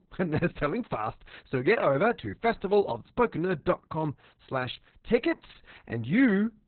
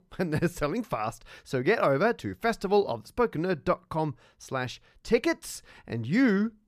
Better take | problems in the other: second | garbled, watery; badly; nothing above 4 kHz

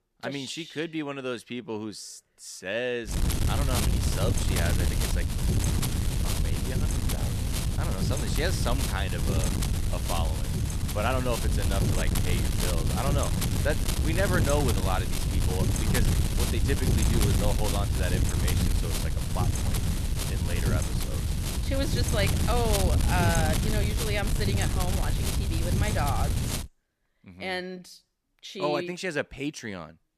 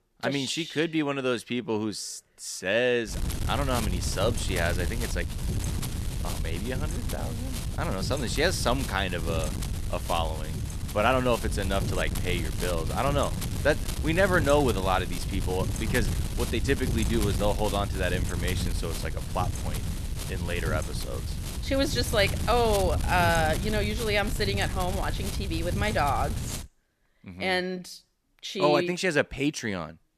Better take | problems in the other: second | wind noise on the microphone; heavy; from 3 to 27 s; 2 dB below the speech; occasional gusts in the second

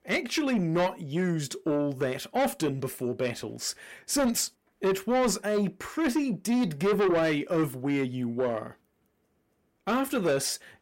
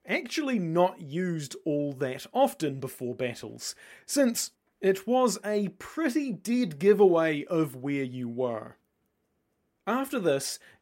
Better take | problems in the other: second | distortion; heavy; 7 dB below the speech

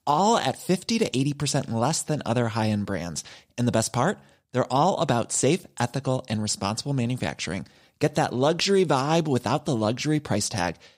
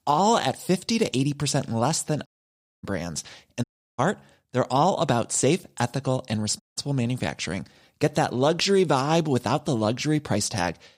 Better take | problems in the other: first | audio cutting out; at 2.5 s for 0.5 s, at 3.5 s and at 6.5 s

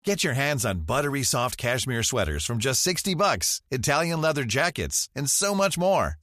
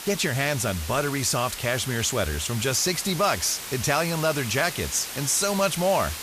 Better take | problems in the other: first | hiss; loud; throughout; 9 dB below the speech

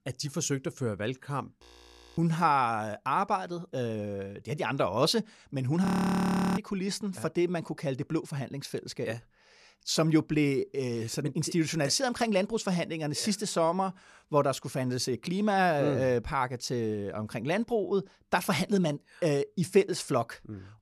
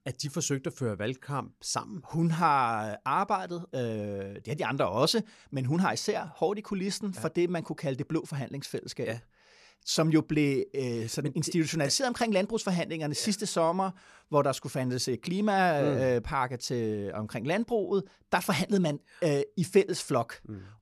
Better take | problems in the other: second | audio freezing; at 1.5 s for 0.5 s and at 6 s for 0.5 s

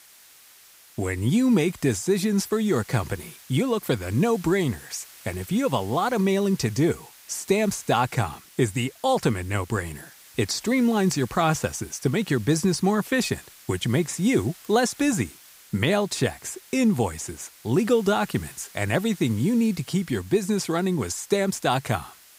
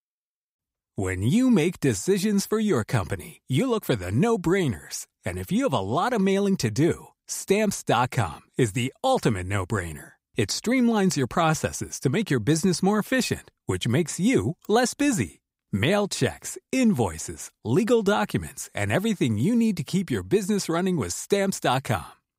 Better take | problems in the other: second | hiss; faint; throughout; 20 dB below the speech

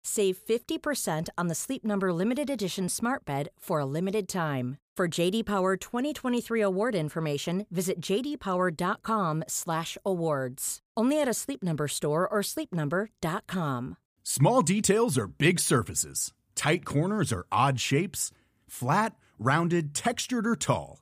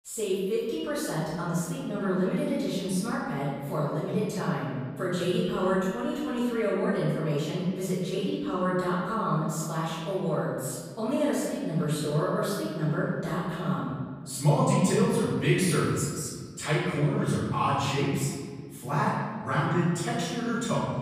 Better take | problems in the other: first | off-mic speech; far // room echo; strong; dies away in 1.7 s

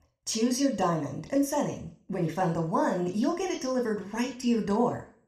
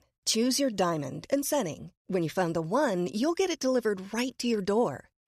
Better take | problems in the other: second | room echo; slight; dies away in 0.4 s

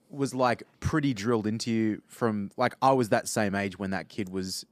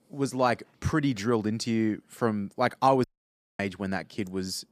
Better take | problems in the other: first | audio cutting out; at 3 s for 0.5 s

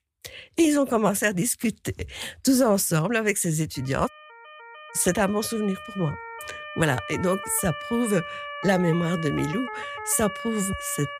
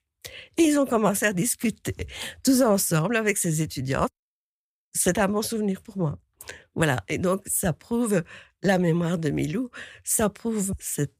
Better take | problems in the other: second | siren; noticeable; from 4 s on; peak 9 dB below the speech

